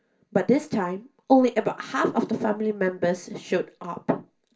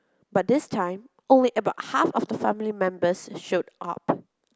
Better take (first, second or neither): second